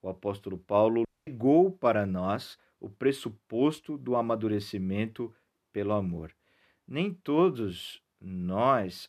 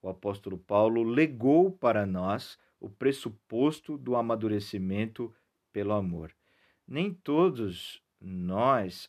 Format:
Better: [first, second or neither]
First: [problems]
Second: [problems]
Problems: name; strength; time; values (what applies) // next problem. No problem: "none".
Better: second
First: audio cutting out; at 1 s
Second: none